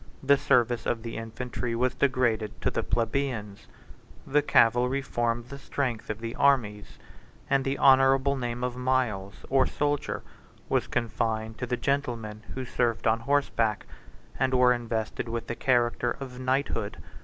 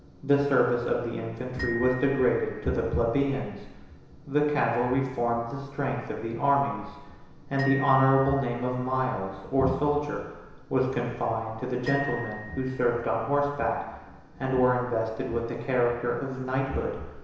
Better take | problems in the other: first | background sound (Glockenspiel); 16 dB below the speech // room echo; dies away in 1 s

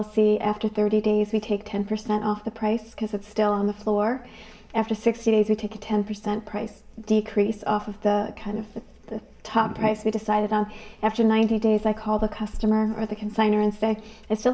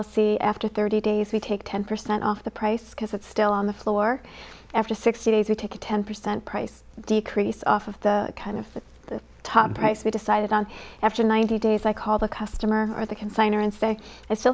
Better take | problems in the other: second | room echo; dies away in 0.7 s

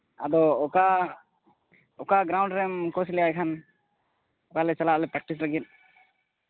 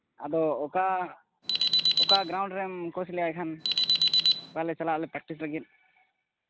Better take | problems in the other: first | background sound (Alarm); 4 dB above the speech

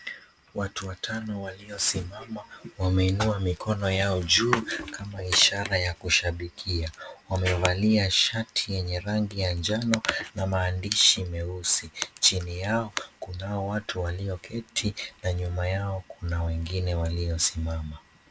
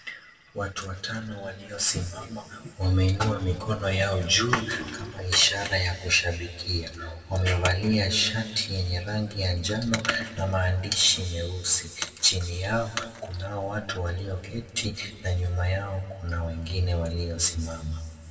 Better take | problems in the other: first | room echo; dies away in 1.7 s

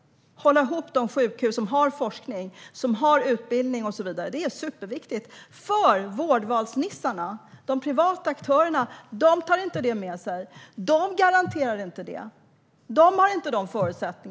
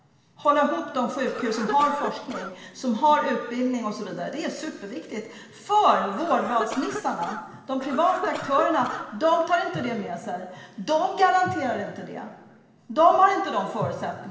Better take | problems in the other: first | background sound (Cough); 11 dB below the speech // room echo; dies away in 1.4 s

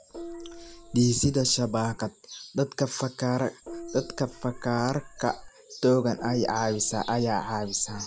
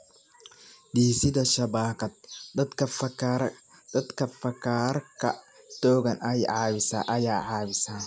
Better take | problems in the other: second | background sound (Gong); 15 dB below the speech

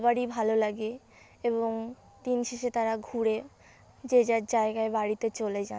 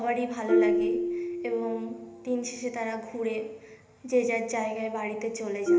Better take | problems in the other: first | background sound (Marimba, xylophone); as loud as the speech // room echo; dies away in 1 s

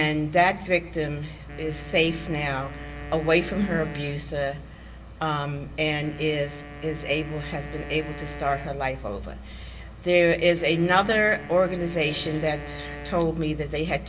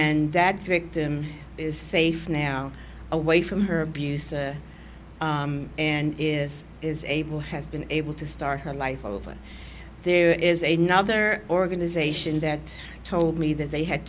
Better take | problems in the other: second | background sound (Wind instrument, woodwind instrument); 16 dB below the speech // room echo; dies away in 0.8 s

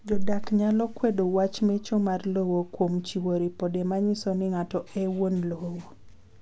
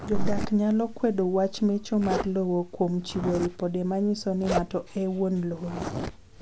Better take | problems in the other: first | background sound (Zipper (clothing)); 10 dB below the speech

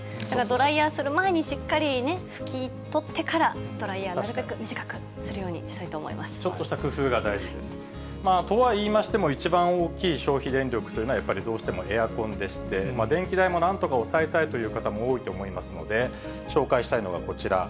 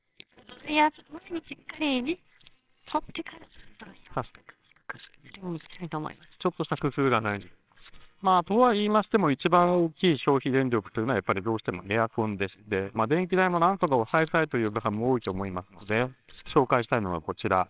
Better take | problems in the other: first | noise reduction (neural separator model SepFormer WHAMR!)

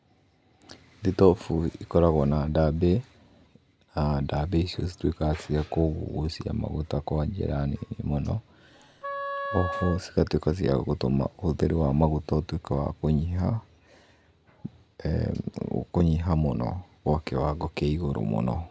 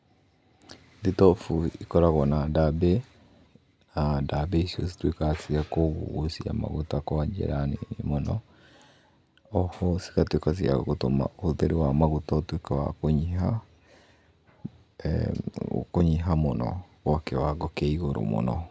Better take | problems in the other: second | background sound (Wind instrument, woodwind instrument); 8 dB below the speech

